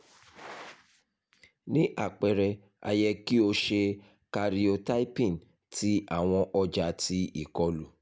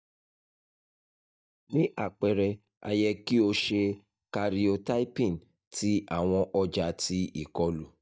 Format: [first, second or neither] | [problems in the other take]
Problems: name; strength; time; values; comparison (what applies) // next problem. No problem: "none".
first | noise reduction (neural mask model DeepFilterNet 3)